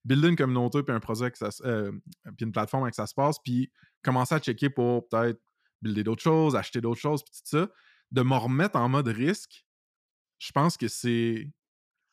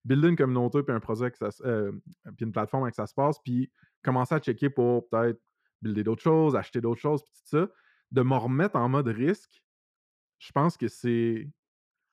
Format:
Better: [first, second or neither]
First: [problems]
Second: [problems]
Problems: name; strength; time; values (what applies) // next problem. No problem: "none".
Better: first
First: none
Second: muffled; slightly; fading above 2.5 kHz